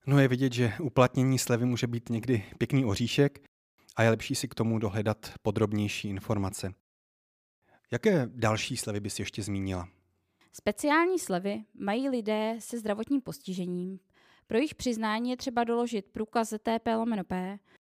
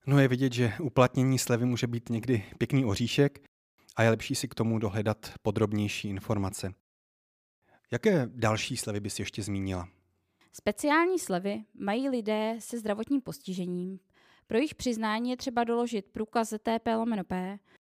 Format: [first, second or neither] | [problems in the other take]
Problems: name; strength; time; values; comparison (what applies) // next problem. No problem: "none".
neither | none